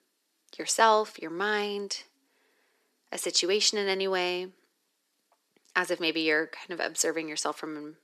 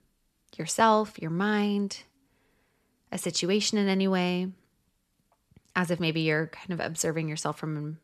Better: second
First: thin; very; fading below 300 Hz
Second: none

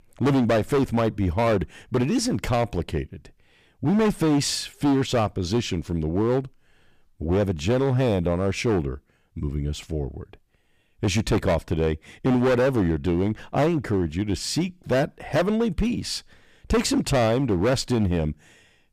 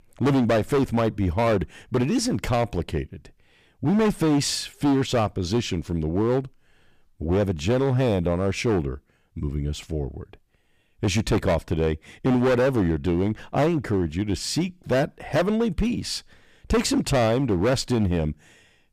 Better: neither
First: distortion; heavy; 11% of the sound clipped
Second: distortion; heavy; 11% of the sound clipped

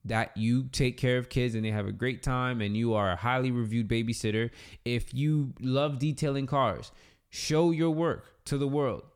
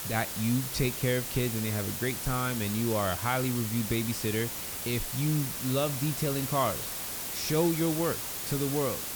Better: first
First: none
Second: hiss; loud; throughout; 3 dB below the speech

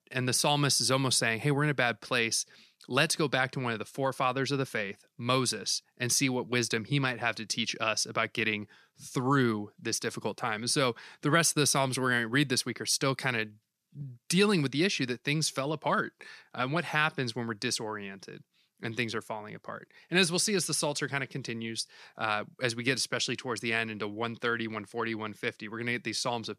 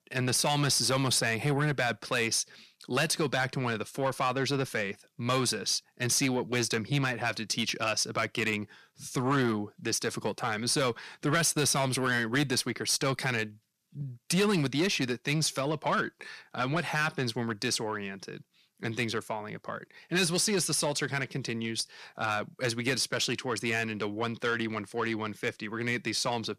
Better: first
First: none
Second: distortion; slight; 10 dB below the speech

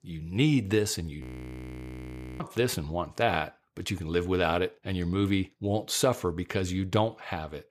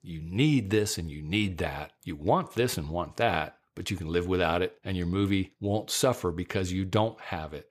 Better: second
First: audio freezing; at 1 s for 1 s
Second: none

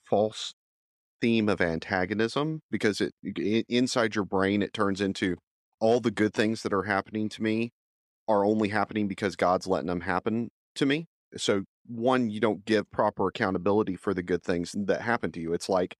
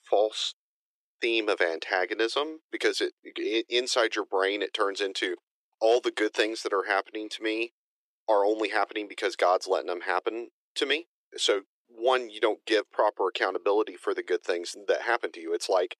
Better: first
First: none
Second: thin; very; fading below 350 Hz

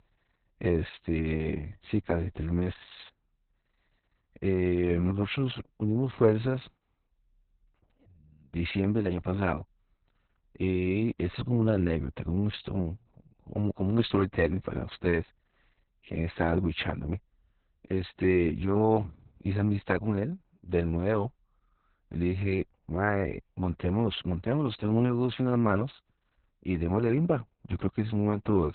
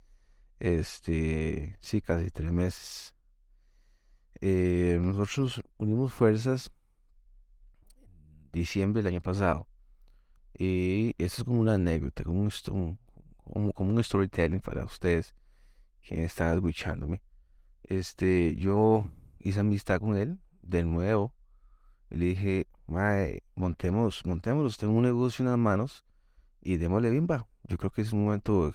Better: second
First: garbled, watery; badly; nothing above 4 kHz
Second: garbled, watery; slightly; nothing above 17.5 kHz

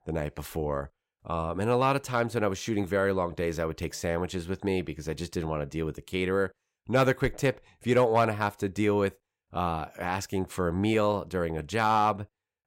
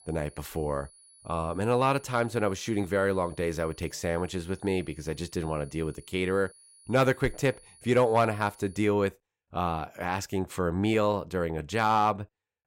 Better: first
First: none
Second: high-pitched whine; faint; until 9 s; 10.5 kHz, 25 dB below the speech

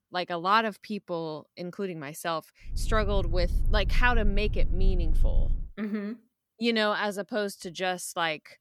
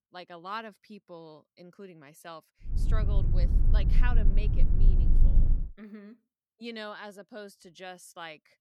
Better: first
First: low rumble; faint; from 2.5 to 5.5 s; 20 dB below the speech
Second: low rumble; loud; from 2.5 to 5.5 s; 4 dB below the speech

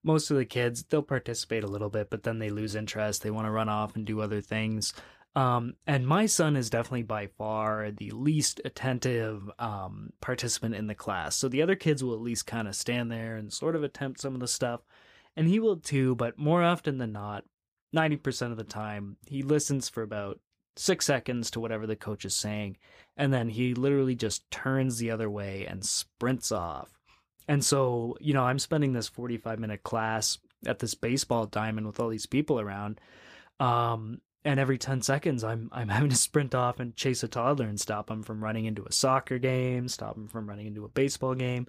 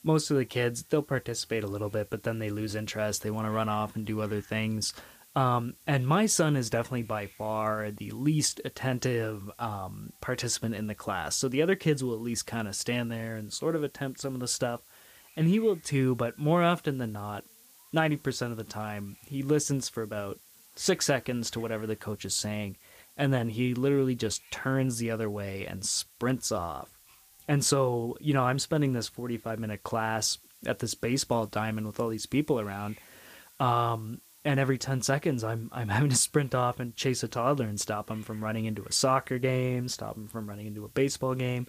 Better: first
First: none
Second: hiss; faint; throughout; 25 dB below the speech

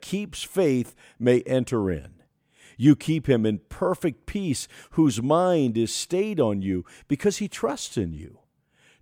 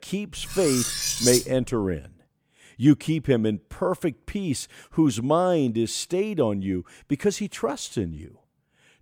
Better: first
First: none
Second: clattering dishes; loud; until 2 s; peak 3 dB above the speech

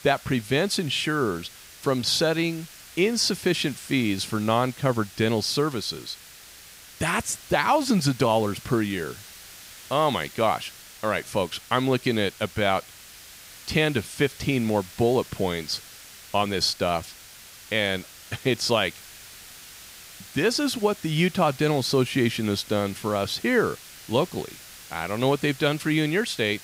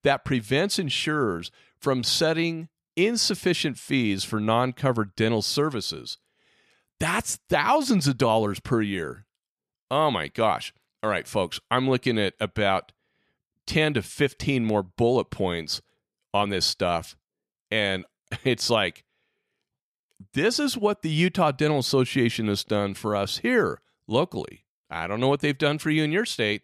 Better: second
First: hiss; noticeable; throughout; 20 dB below the speech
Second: none

